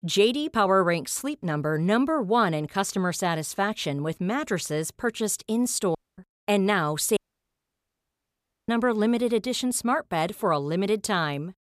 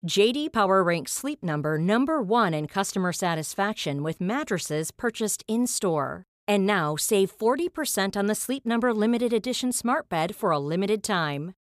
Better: second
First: audio cutting out; at 6 s and at 7 s for 1.5 s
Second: none

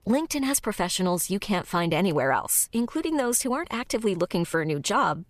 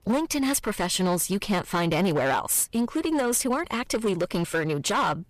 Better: first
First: none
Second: distortion; slight; 12% of the sound clipped

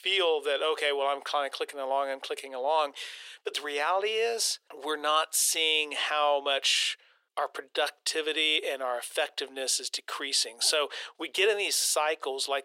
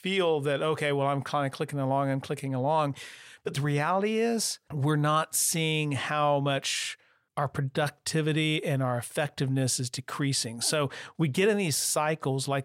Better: second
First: thin; very; fading below 400 Hz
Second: none

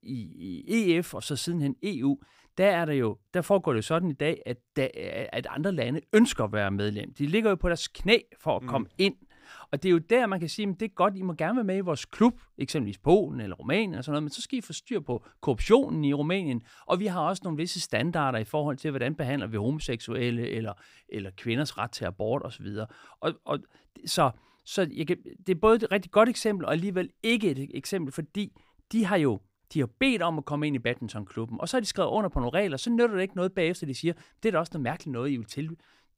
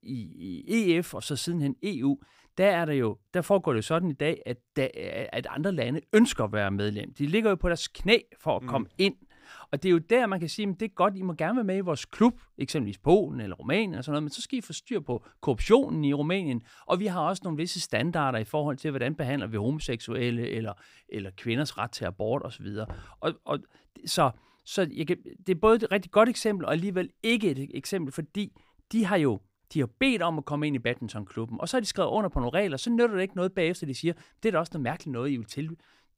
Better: first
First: none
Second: door banging; faint; at 23 s; peak 20 dB below the speech

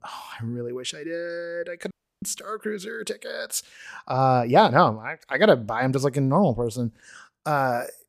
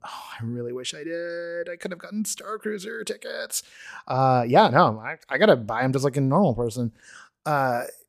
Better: second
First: audio cutting out; at 2 s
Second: none

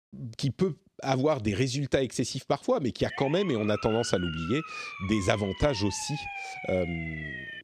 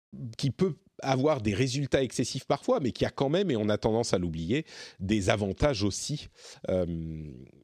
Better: second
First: siren; noticeable; from 3 s on; peak 8 dB below the speech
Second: none

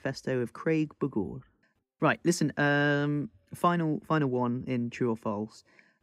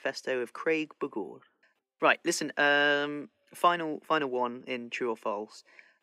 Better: first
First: none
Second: thin; somewhat; fading below 500 Hz

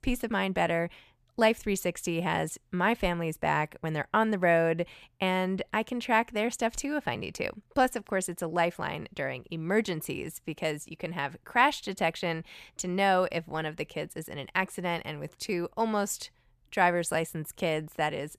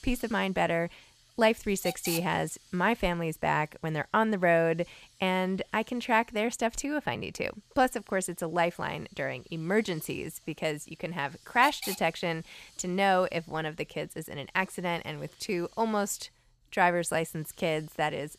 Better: first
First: none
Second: hiss; noticeable; throughout; 15 dB below the speech

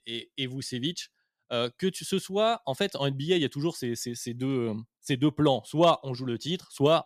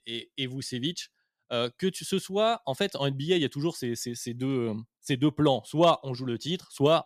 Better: neither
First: none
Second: none

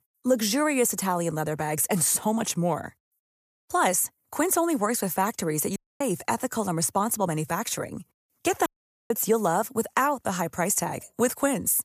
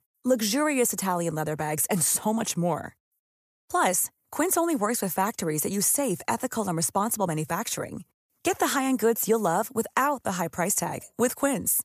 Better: second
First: audio cutting out; at 6 s and at 8.5 s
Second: none

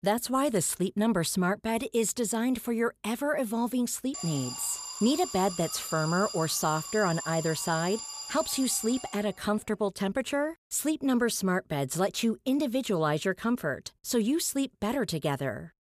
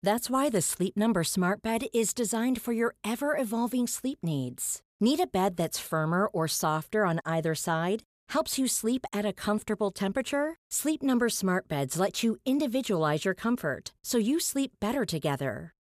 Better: second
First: alarm; noticeable; from 4 to 9.5 s; peak 7 dB below the speech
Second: none

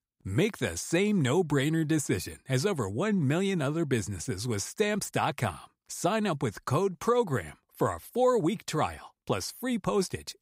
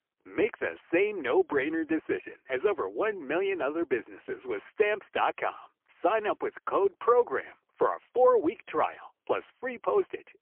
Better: first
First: none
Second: phone-call audio; poor line

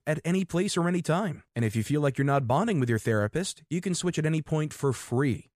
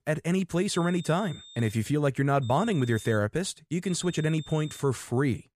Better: first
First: none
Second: high-pitched whine; noticeable; at 0.5 s, at 2.5 s and at 4 s; 3.5 kHz, 20 dB below the speech

